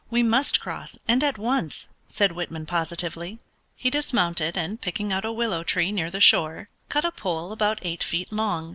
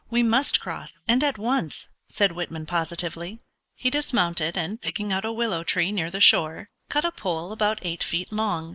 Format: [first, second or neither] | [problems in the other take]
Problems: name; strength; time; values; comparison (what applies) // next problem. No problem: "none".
first | noise reduction (neural mask model Resemble Enhance denoiser)